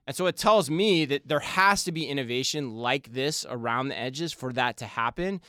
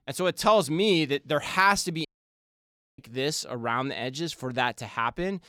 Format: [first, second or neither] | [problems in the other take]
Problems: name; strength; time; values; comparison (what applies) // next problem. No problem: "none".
first | audio cutting out; at 2 s for 1 s